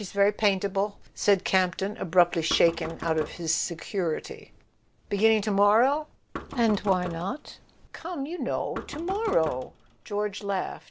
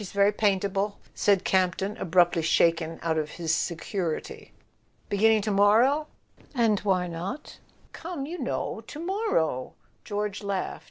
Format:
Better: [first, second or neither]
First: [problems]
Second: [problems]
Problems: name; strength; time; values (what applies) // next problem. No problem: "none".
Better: second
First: background sound (Knock); 15 dB below the speech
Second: none